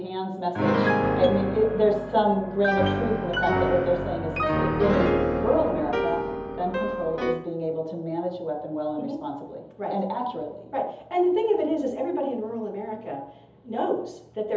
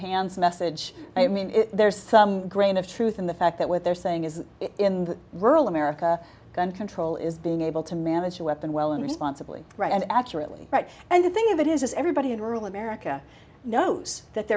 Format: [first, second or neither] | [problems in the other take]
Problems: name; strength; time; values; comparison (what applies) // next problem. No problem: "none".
second | background sound (Piano); 2 dB below the speech // room echo; dies away in 0.7 s